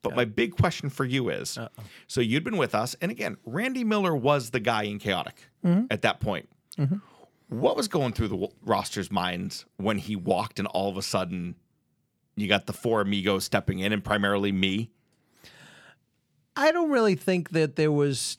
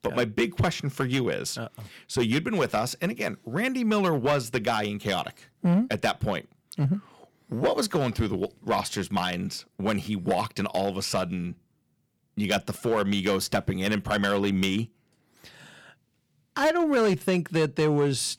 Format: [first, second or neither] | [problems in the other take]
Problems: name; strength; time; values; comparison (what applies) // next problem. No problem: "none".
first | distortion; slight; 4% of the sound clipped